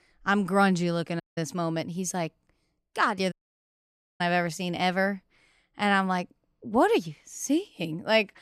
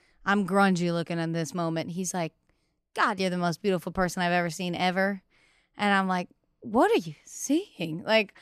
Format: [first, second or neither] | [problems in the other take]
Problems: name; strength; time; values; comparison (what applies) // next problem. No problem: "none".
second | audio cutting out; at 1 s and at 3.5 s for 1 s